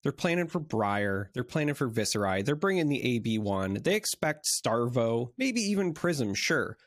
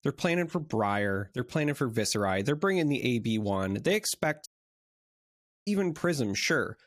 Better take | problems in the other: first | audio cutting out; at 4.5 s for 1 s

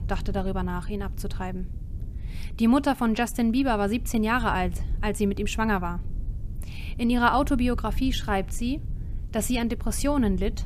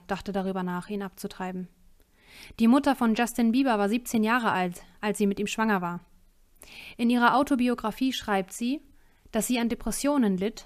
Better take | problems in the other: second | low rumble; faint; throughout; 25 dB below the speech

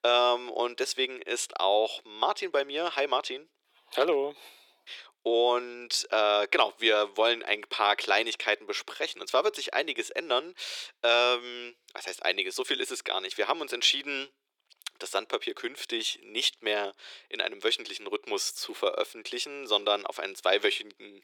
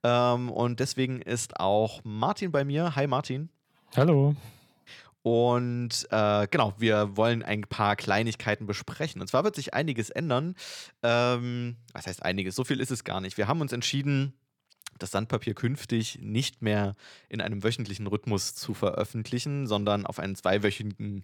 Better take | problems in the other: second | thin; very; fading below 350 Hz

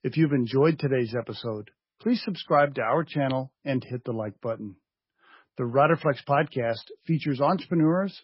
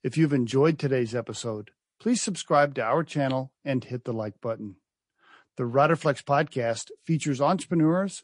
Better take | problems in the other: second | garbled, watery; badly; nothing above 5.5 kHz; slightly in the second

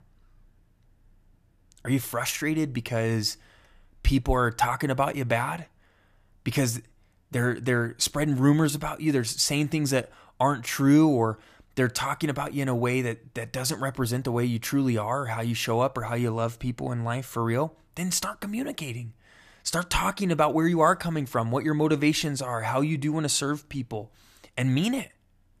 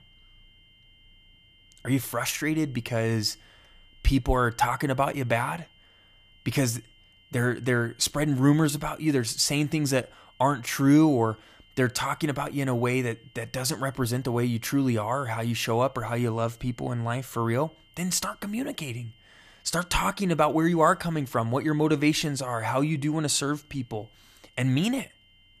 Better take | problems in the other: first | high-pitched whine; faint; throughout; 3 kHz, 30 dB below the speech

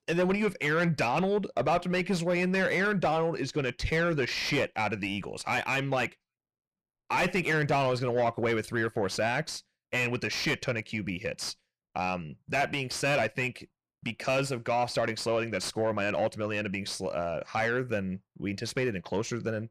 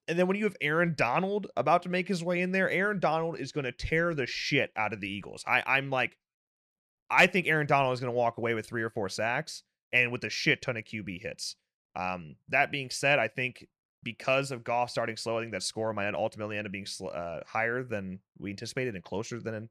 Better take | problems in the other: second | distortion; heavy; 6 dB below the speech

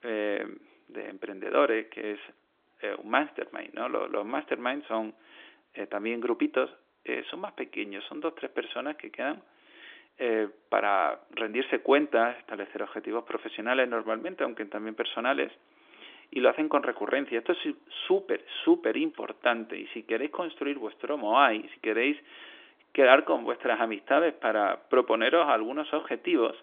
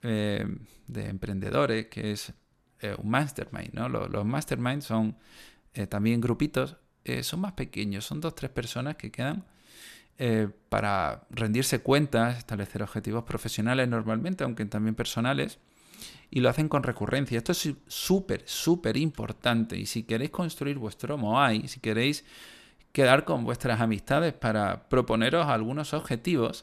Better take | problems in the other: second | phone-call audio; nothing above 3.5 kHz

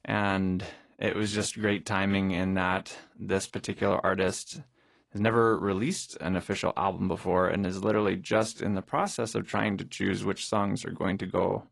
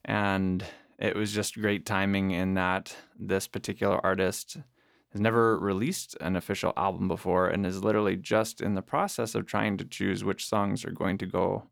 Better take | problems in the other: second | garbled, watery; slightly; nothing above 10.5 kHz

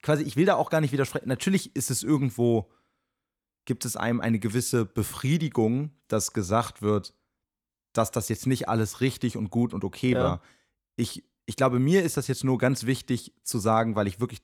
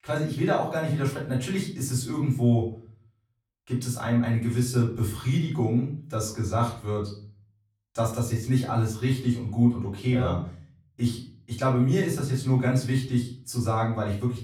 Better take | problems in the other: first | room echo; slight; dies away in 0.4 s // off-mic speech; far

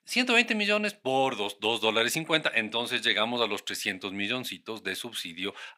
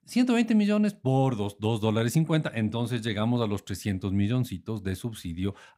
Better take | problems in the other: second | thin; somewhat; fading below 450 Hz

